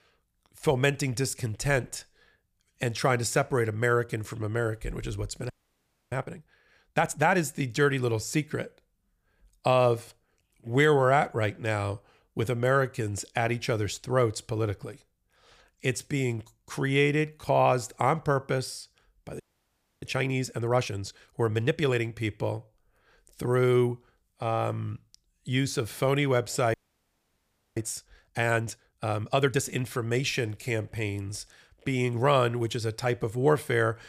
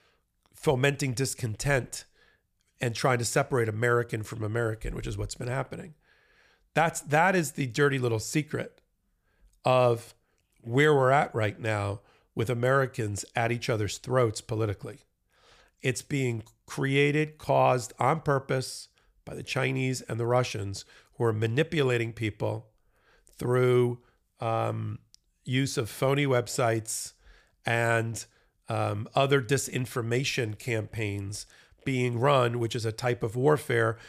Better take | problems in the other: second | audio freezing; at 5.5 s for 0.5 s, at 19 s for 0.5 s and at 27 s for 1 s

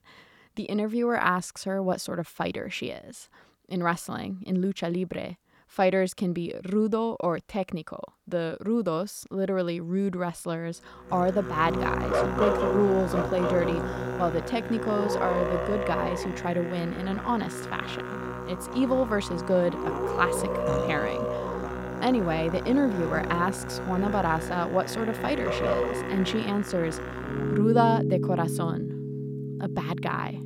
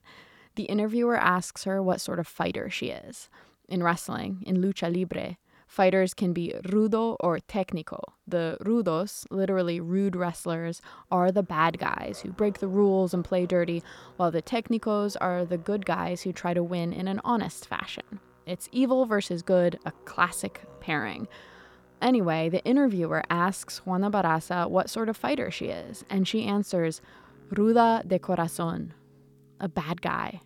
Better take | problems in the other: second | background music; loud; from 11 s on; 3 dB below the speech; faint in the second

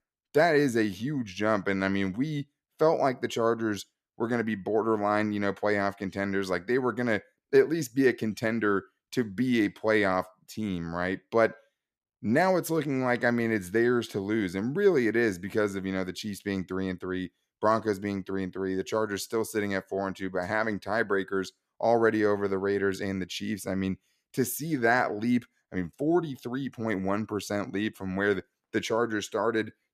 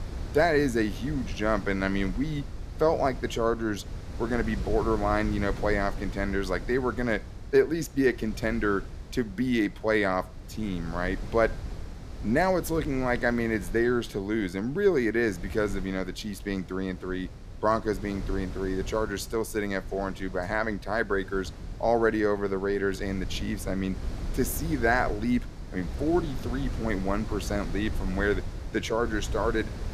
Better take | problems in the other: first | wind noise on the microphone; occasional gusts; 20 dB below the speech

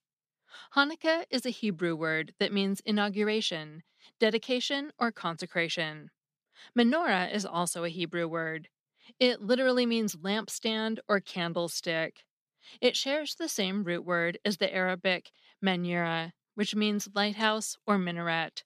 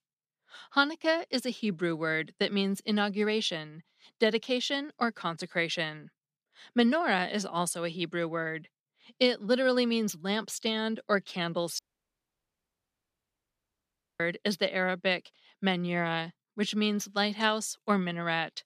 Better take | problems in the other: first | audio cutting out; at 12 s for 2.5 s

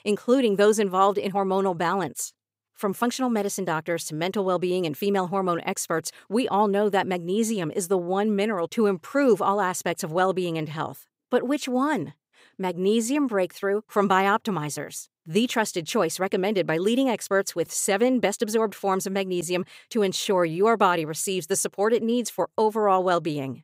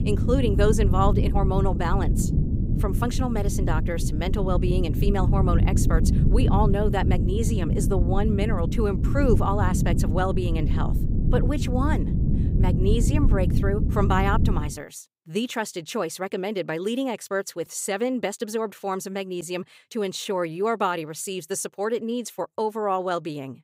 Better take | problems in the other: first | low rumble; loud; until 15 s; 7 dB below the speech

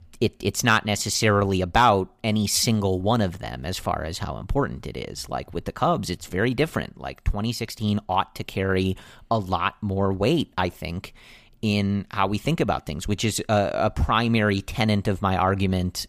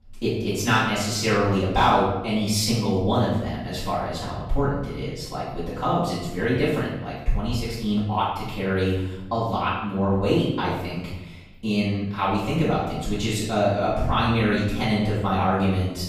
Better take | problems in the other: first | off-mic speech; far // room echo; noticeable; dies away in 0.9 s

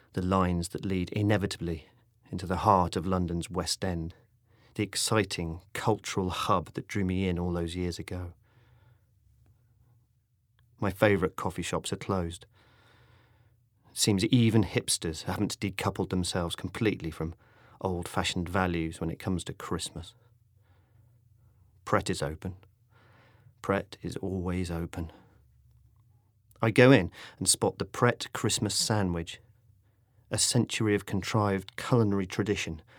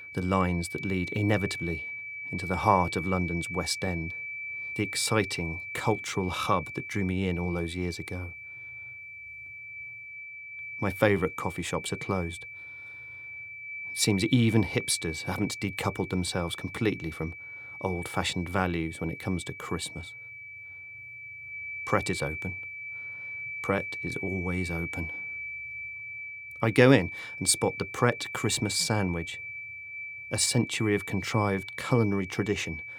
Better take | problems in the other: first | high-pitched whine; loud; throughout; 2.5 kHz, 8 dB below the speech

